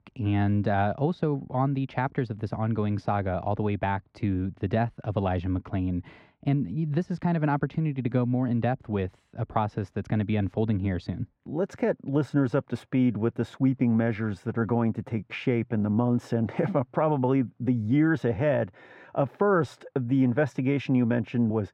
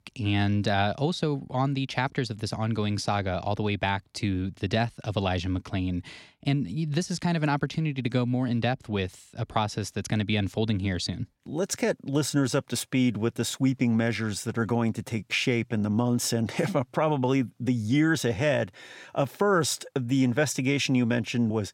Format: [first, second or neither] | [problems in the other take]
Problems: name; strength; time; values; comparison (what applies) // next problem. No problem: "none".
second | muffled; very; fading above 3 kHz